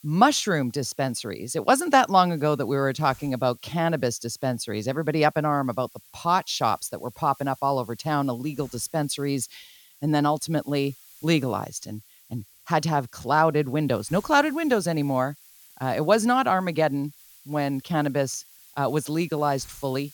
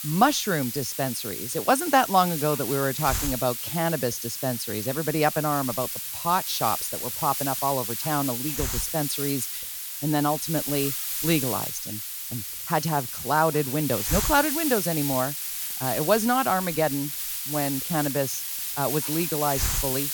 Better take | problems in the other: first | hiss; loud; throughout; 2 dB below the speech; faint in the first

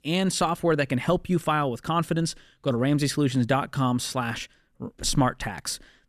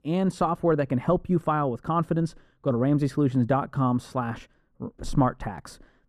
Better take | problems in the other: first | muffled; very; fading above 1.5 kHz

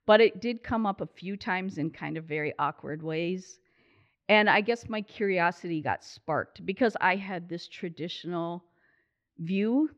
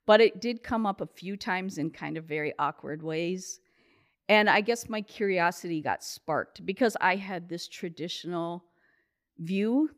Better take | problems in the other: second | muffled; very slightly; fading above 3 kHz

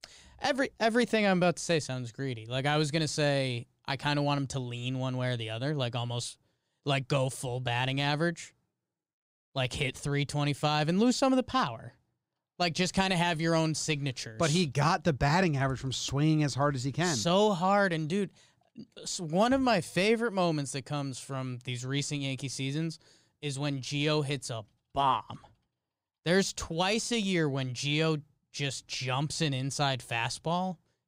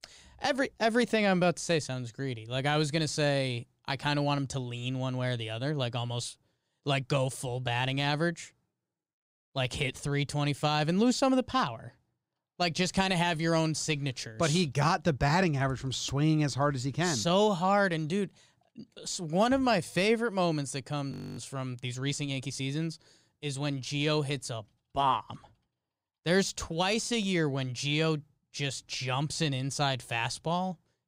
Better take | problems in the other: first | audio freezing; at 21 s

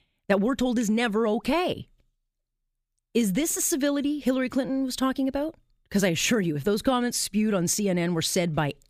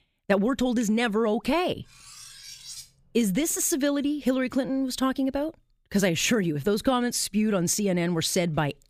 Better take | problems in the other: first | clattering dishes; faint; from 2 to 3.5 s; peak 15 dB below the speech

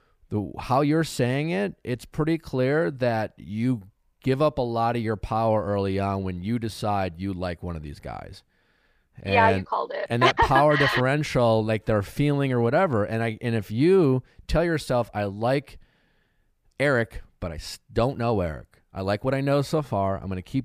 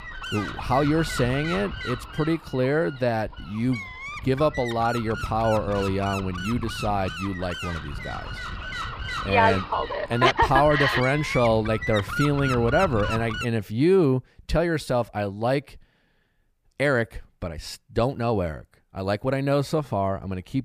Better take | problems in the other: first | wind noise on the microphone; heavy; until 13 s; 7 dB below the speech

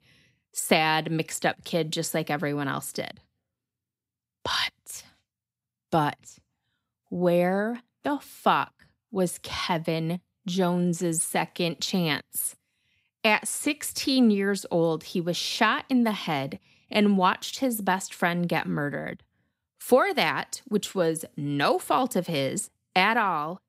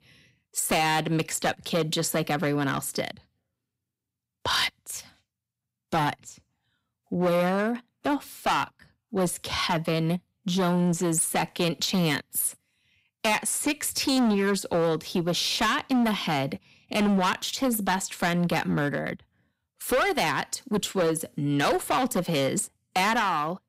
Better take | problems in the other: first | distortion; heavy; 10% of the sound clipped

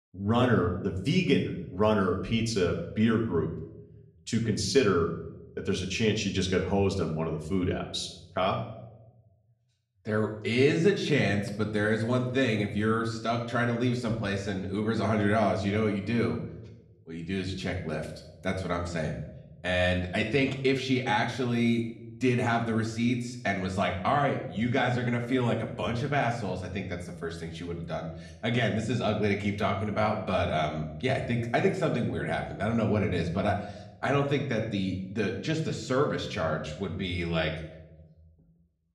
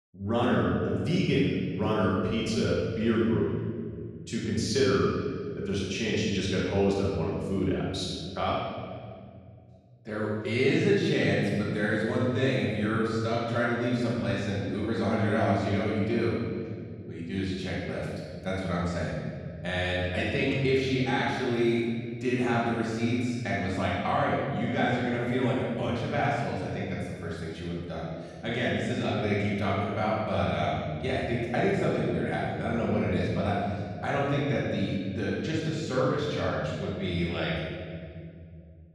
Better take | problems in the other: first | room echo; strong; dies away in 2.2 s; slight in the first // off-mic speech; far; somewhat distant in the first

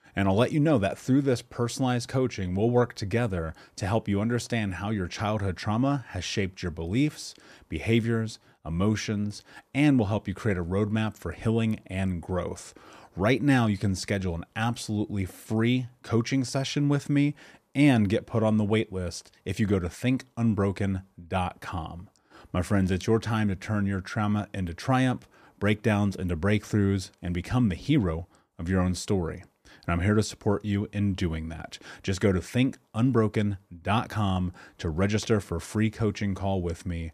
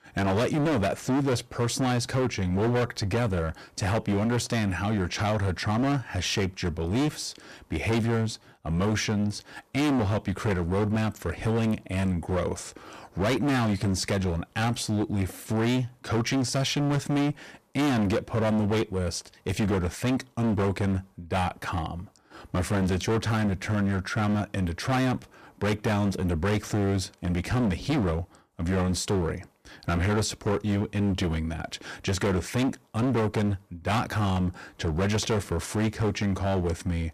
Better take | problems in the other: first | distortion; heavy; 22% of the sound clipped

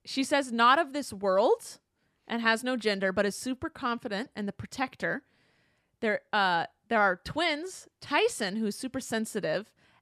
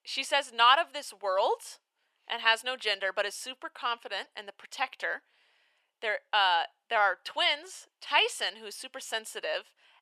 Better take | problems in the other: first | thin; very; fading below 550 Hz

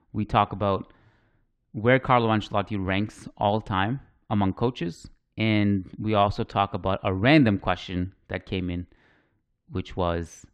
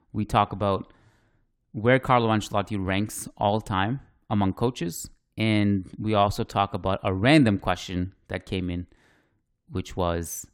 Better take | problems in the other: second | muffled; very slightly; fading above 3 kHz

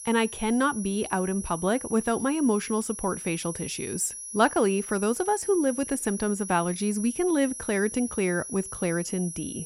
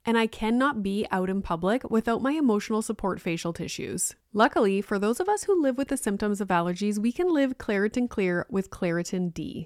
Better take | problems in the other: second | high-pitched whine; loud; throughout; 10.5 kHz, 9 dB below the speech

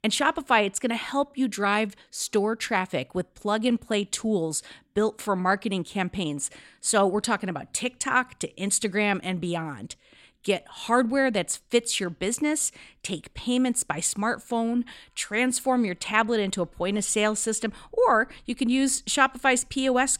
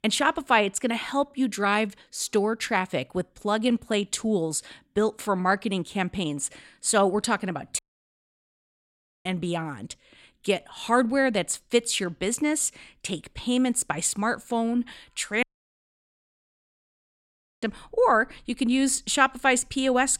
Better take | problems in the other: first | audio cutting out; at 8 s for 1.5 s and at 15 s for 2 s

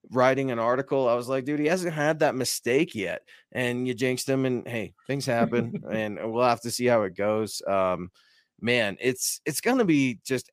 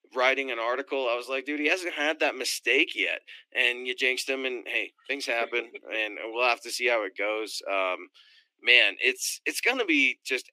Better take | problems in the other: first | thin; somewhat; fading below 300 Hz

